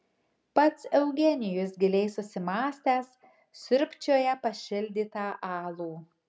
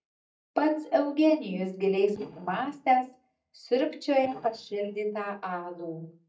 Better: first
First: none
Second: noise reduction (neural mask model DeepFilterNet 3)

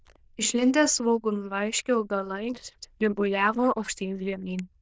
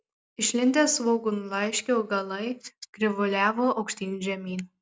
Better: second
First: noise reduction (neural diffusion model UNIVERSE++)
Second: none

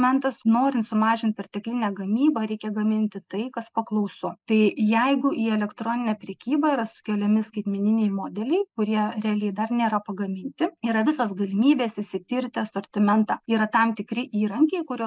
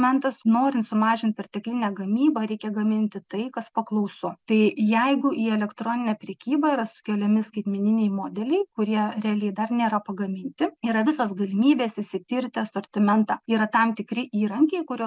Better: second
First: noise reduction (neural mask model Resemble Enhance denoiser)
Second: none

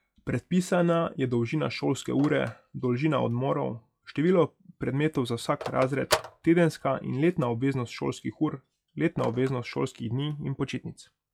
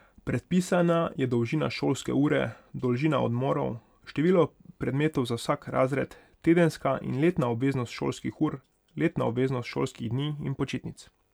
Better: second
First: noise reduction (classical method log-MMSE)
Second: none

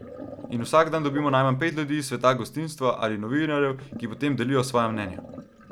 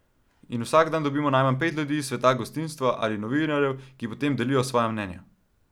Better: second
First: background sound (Sink (filling or washing)); 17 dB below the speech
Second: none

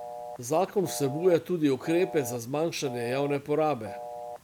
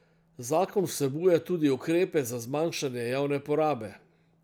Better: second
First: background sound (Telephone); 13 dB below the speech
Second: none

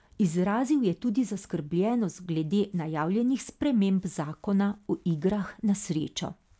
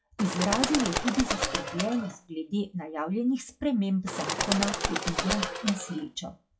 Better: first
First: none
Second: noise reduction (classical method WPE with log-MMSE)

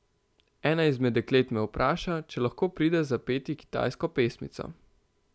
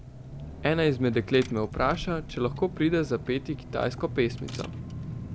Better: first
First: none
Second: background sound (Engine / Car); 10 dB below the speech

